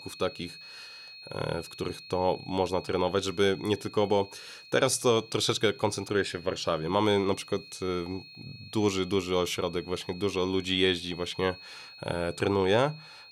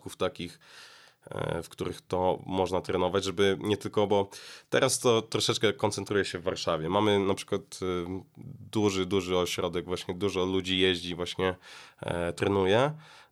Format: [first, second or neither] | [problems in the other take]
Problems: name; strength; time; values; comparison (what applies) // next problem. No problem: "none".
second | high-pitched whine; noticeable; throughout; 4.5 kHz, 15 dB below the speech